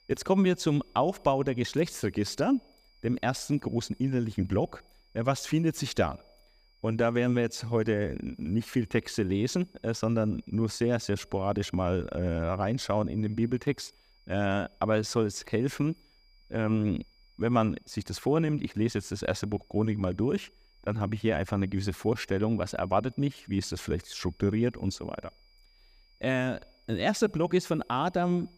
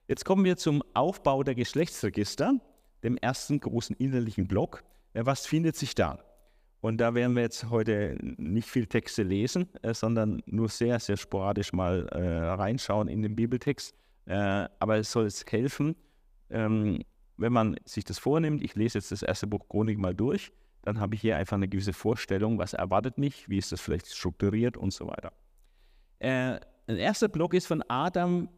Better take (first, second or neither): second